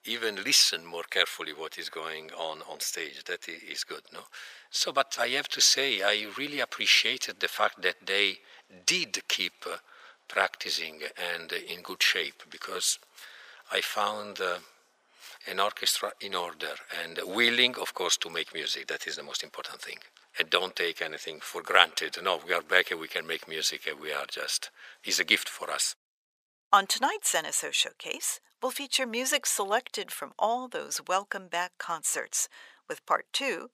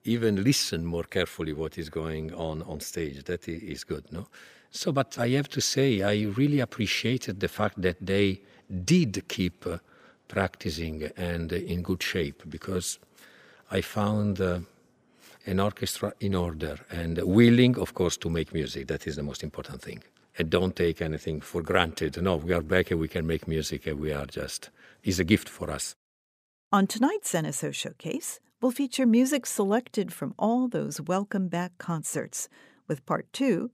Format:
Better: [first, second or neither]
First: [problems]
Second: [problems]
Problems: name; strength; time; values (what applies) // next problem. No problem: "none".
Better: second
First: thin; very; fading below 850 Hz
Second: none